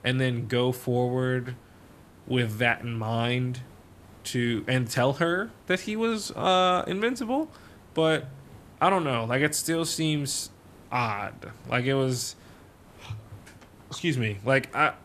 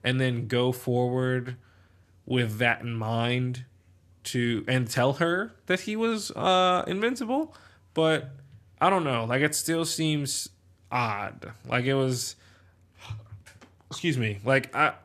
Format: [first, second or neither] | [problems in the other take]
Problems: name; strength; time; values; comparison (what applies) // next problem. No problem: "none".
second | hiss; faint; throughout; 25 dB below the speech